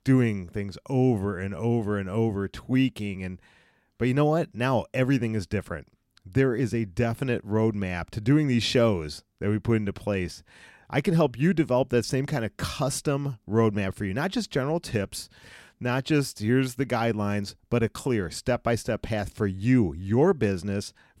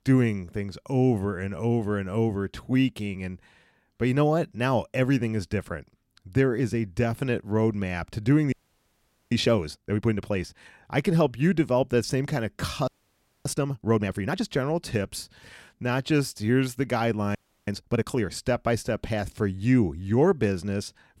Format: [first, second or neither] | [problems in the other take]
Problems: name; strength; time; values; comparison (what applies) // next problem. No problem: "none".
first | audio freezing; at 8.5 s for 1 s, at 13 s for 0.5 s and at 17 s